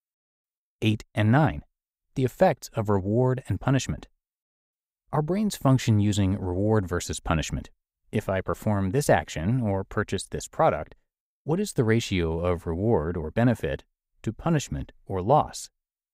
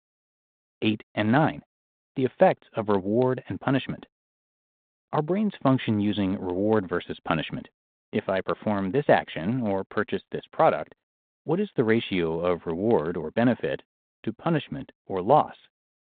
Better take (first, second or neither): first